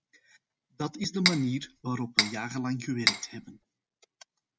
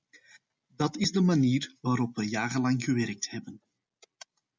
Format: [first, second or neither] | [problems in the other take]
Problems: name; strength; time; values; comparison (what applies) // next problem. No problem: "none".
second | background sound (Cutlery, silverware); 3 dB above the speech